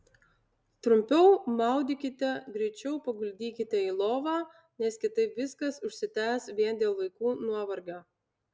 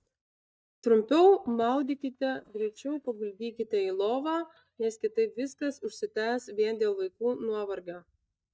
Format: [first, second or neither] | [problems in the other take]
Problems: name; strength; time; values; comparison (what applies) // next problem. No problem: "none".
first | noise reduction (neural mask model DeepFilterNet 3)